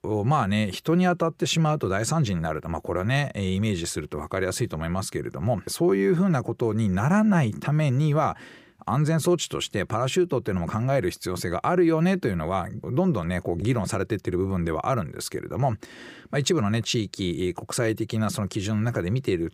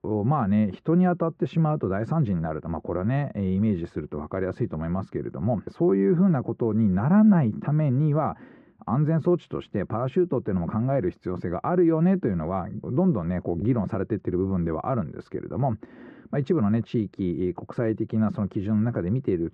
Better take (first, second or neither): first